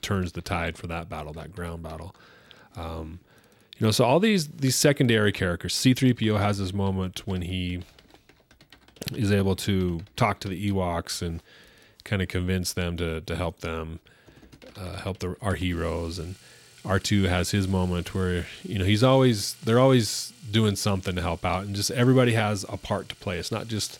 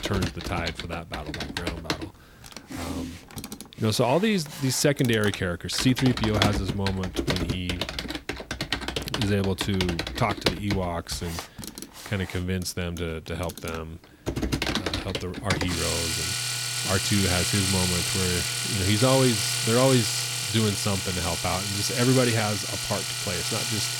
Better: first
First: household noises; faint; throughout; 25 dB below the speech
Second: household noises; loud; throughout; 1 dB below the speech

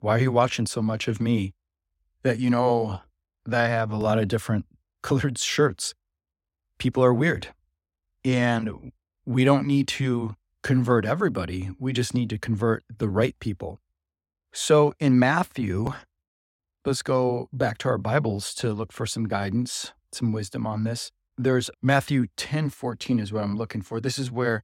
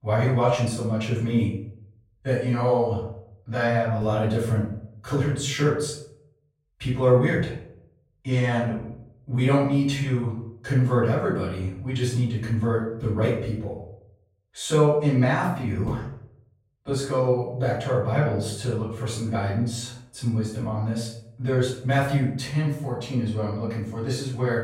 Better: first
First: none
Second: off-mic speech; far // room echo; noticeable; dies away in 0.6 s

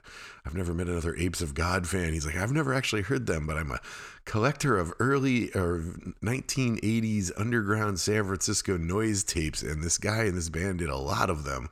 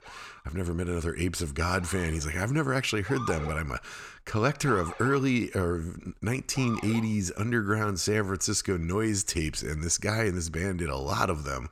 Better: first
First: none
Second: siren; noticeable; until 7 s; peak 8 dB below the speech

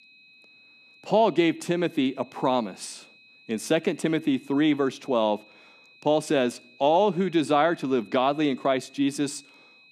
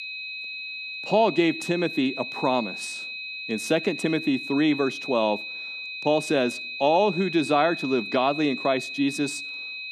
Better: first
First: high-pitched whine; faint; throughout; 2.5 kHz, 25 dB below the speech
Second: high-pitched whine; loud; throughout; 2.5 kHz, 8 dB below the speech

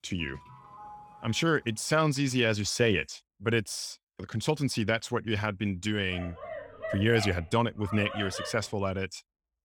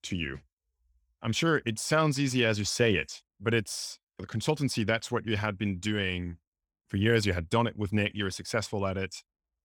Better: second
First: doorbell; faint; until 2 s; peak 20 dB below the speech // dog barking; noticeable; from 6 to 8.5 s; peak 7 dB below the speech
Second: none

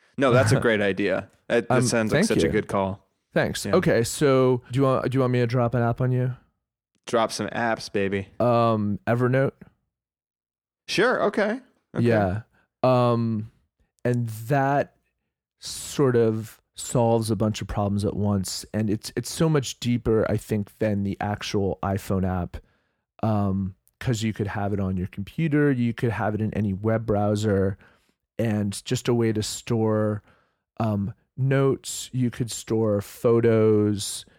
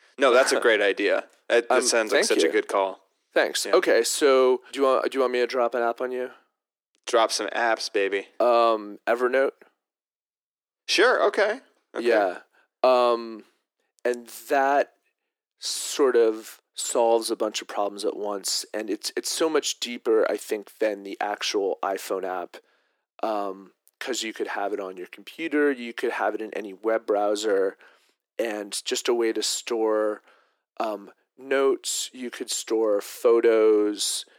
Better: first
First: none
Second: thin; very; fading below 300 Hz

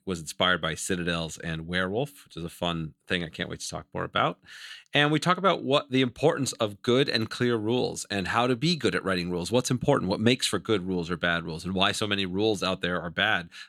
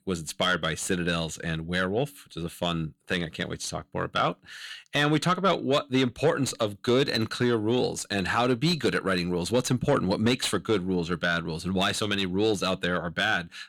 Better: first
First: none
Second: distortion; slight; 10 dB below the speech

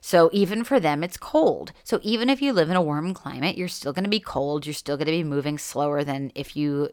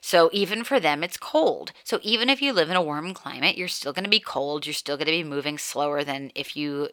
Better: first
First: none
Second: thin; very slightly; fading below 1 kHz

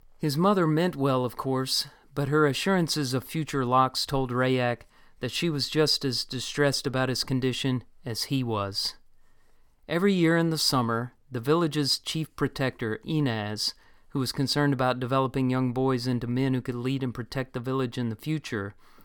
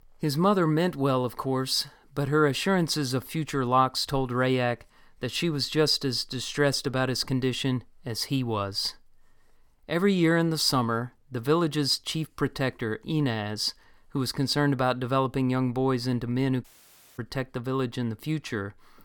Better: first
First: none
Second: audio cutting out; at 17 s for 0.5 s

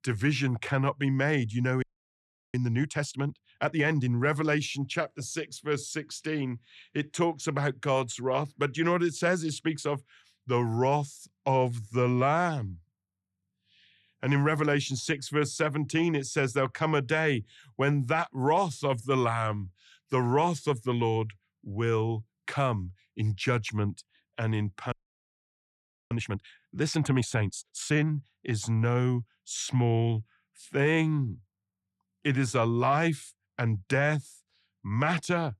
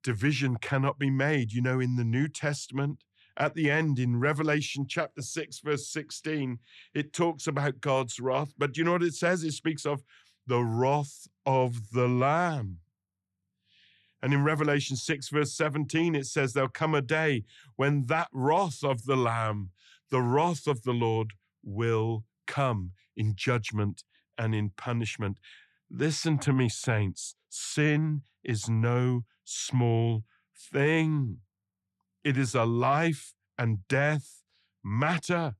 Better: second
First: audio freezing; at 2 s for 0.5 s and at 25 s for 1 s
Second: none

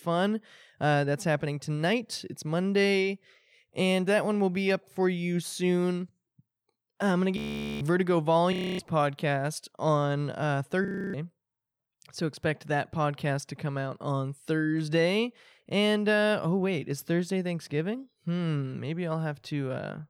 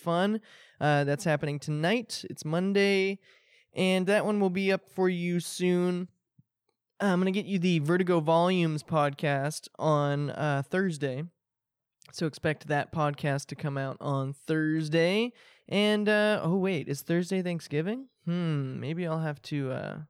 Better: second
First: audio freezing; at 7.5 s, at 8.5 s and at 11 s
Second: none

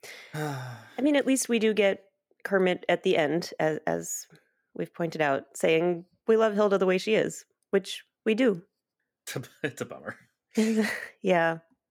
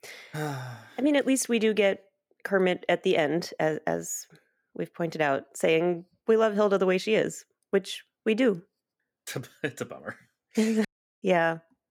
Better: first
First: none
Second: audio cutting out; at 11 s

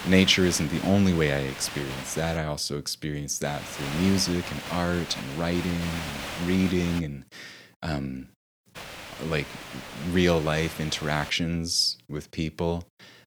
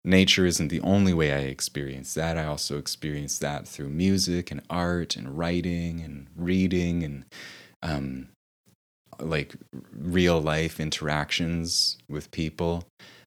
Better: second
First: hiss; noticeable; until 2.5 s, from 3.5 to 7 s and from 9 to 11 s; 10 dB below the speech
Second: none

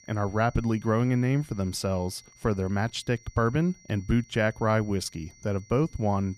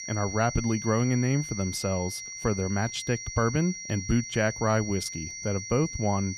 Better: first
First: high-pitched whine; faint; throughout; 6 kHz, 25 dB below the speech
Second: high-pitched whine; loud; throughout; 6 kHz, 8 dB below the speech

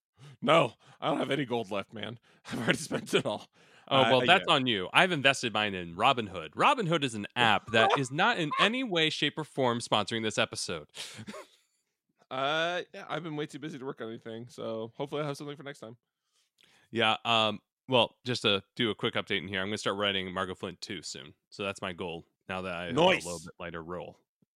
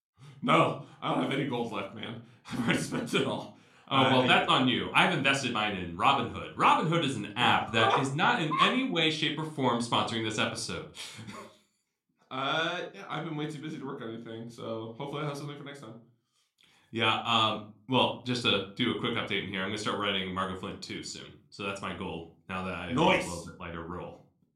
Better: first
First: none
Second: room echo; slight; dies away in 0.3 s

